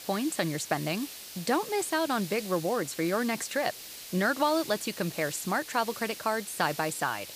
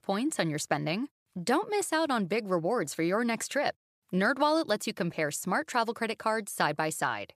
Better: second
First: hiss; noticeable; throughout; 10 dB below the speech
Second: none

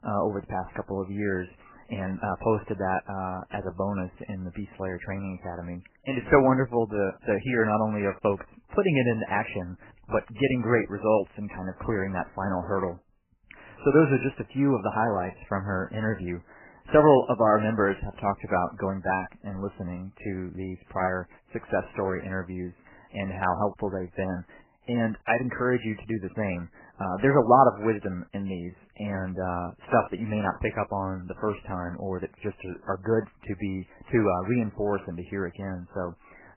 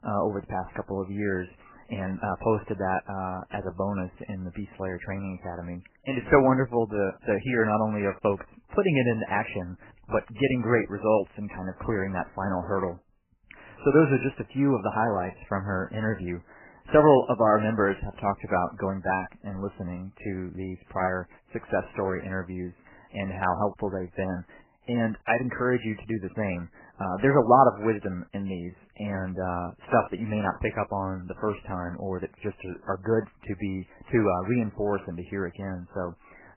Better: neither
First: garbled, watery; badly; nothing above 3 kHz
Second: garbled, watery; badly; nothing above 3 kHz

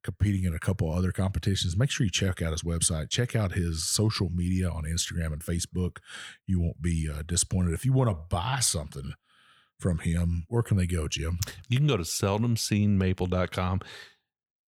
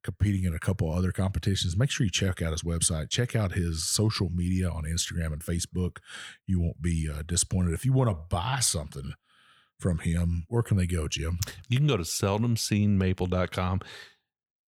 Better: neither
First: none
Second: none

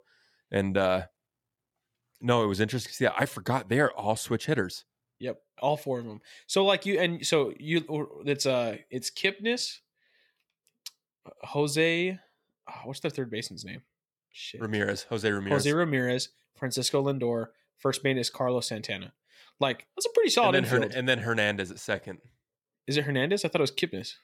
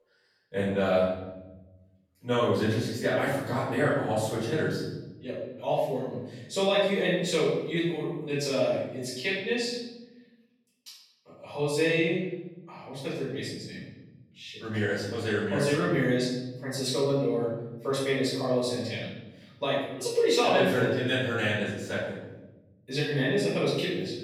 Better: first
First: none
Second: off-mic speech; far // room echo; noticeable; dies away in 1.1 s

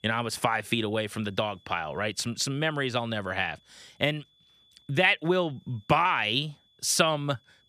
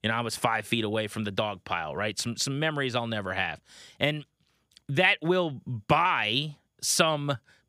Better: second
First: high-pitched whine; faint; throughout; 3.5 kHz, 35 dB below the speech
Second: none

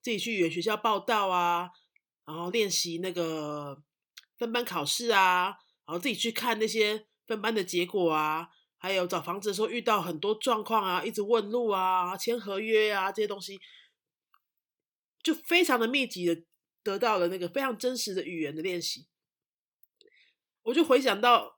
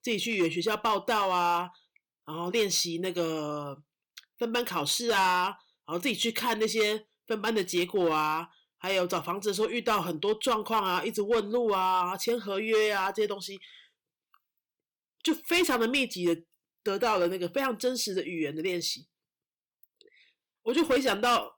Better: first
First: none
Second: distortion; slight; 4% of the sound clipped

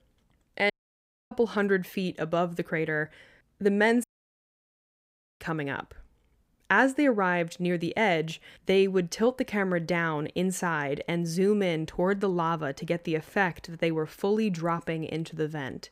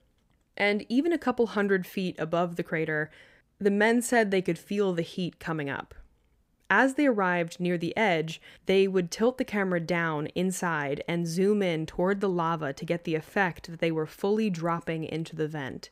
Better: second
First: audio cutting out; at 0.5 s for 0.5 s and at 4 s for 1.5 s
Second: none

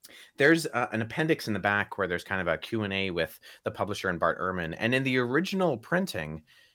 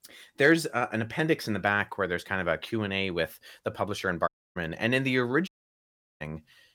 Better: first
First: none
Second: audio cutting out; at 4.5 s and at 5.5 s for 0.5 s

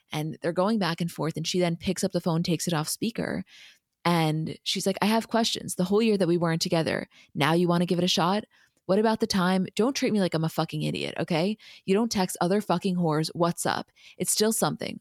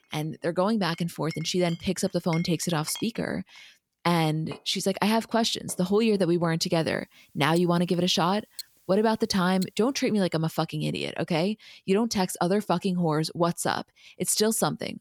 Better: first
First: none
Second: household noises; noticeable; until 10 s; 20 dB below the speech

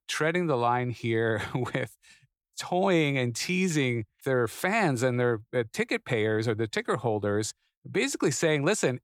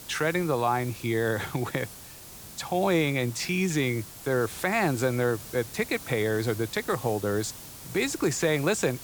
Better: first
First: none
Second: hiss; noticeable; throughout; 15 dB below the speech

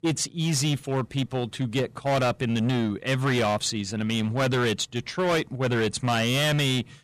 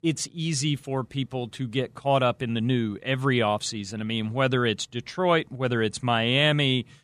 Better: second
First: distortion; heavy; 16% of the sound clipped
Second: none

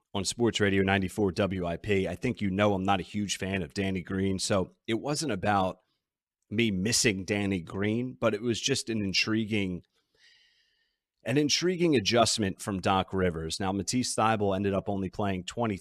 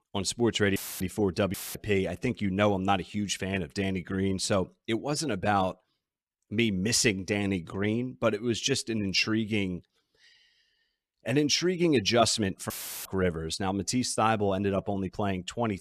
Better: first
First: none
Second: audio cutting out; filled with static; at 1 s, at 1.5 s and at 13 s

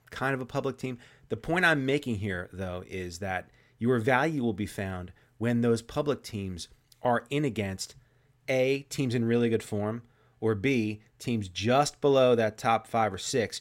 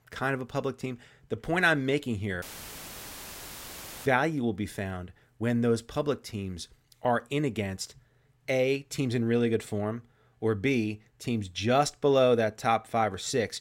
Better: first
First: none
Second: audio cutting out; filled with static; at 2.5 s for 1.5 s

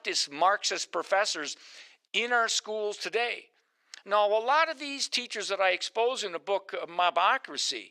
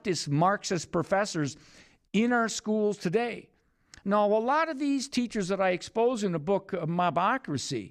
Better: second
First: thin; very; fading below 500 Hz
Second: none

